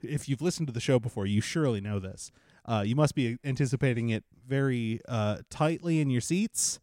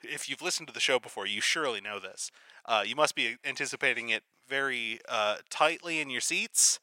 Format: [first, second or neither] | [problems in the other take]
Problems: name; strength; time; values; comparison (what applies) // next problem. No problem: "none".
first | thin; very; fading below 800 Hz